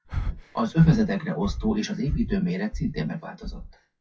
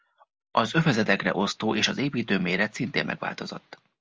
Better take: second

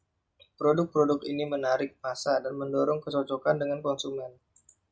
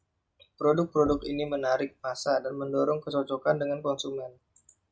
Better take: first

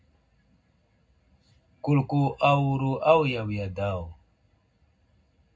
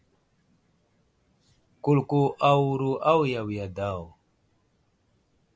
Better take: second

